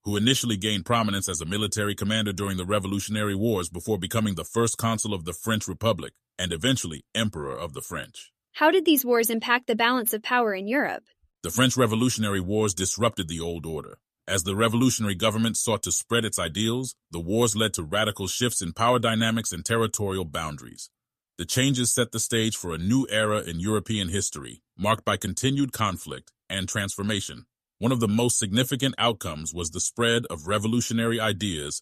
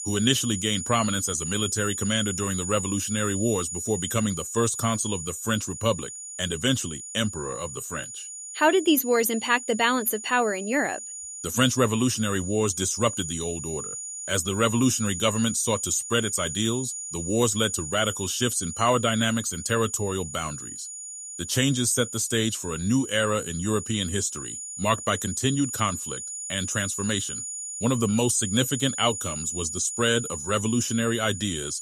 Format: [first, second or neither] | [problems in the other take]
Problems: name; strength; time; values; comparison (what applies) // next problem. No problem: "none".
first | high-pitched whine; loud; throughout; 7 kHz, 7 dB below the speech